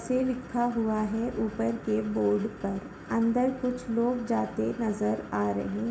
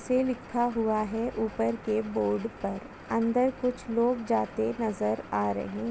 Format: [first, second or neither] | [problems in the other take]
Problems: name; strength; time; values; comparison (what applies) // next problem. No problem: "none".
second | room echo; dies away in 0.4 s